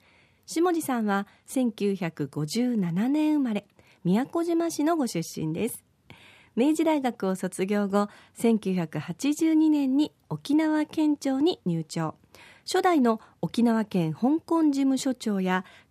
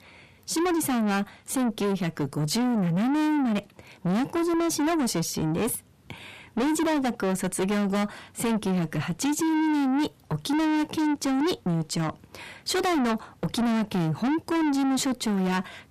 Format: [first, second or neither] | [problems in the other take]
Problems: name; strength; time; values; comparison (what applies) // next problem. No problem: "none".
first | distortion; heavy; 7 dB below the speech